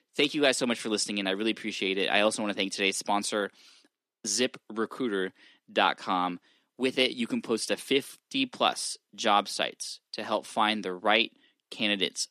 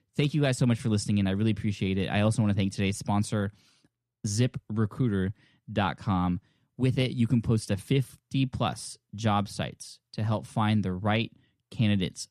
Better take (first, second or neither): second